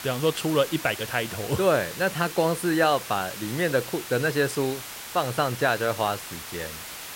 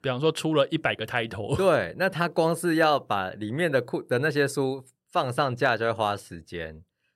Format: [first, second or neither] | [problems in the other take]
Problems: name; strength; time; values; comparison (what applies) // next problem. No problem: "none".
second | hiss; noticeable; throughout; 10 dB below the speech